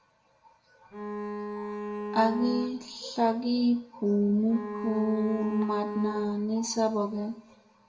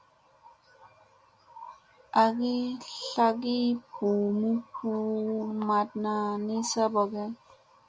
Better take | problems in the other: second | background sound (Bowed string instrument); 7 dB below the speech // room echo; dies away in 0.5 s

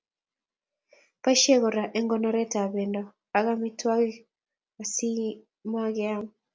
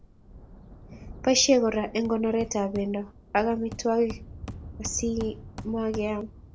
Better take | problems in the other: first | background sound (Hammer + Thunder); 14 dB below the speech

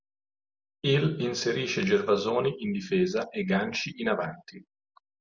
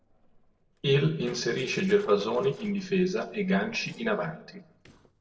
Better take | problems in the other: first | noise reduction (neural separator model SepFormer DNS4)

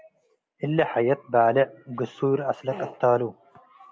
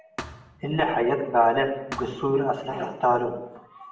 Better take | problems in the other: first | background sound (Thump, thud); 18 dB below the speech // room echo; dies away in 0.7 s

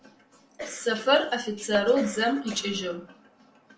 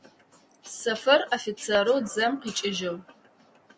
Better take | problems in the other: second | background sound (Cough); 14 dB below the speech // room echo; dies away in 0.4 s

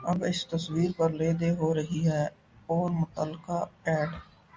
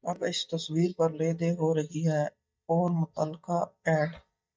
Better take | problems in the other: first | noise reduction (neural mask model DeepFilterNet 3)

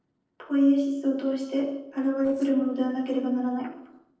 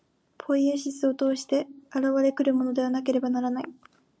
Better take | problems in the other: second | noise reduction (neural separator model SepFormer DNS4)

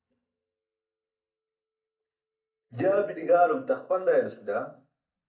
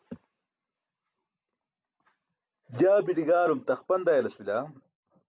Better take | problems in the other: second | noise reduction (neural mask model DeepFilterNet 3)

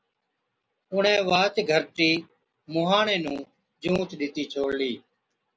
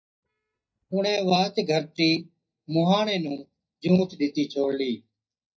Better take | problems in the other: first | noise reduction (neural mask model DeepFilterNet 3)

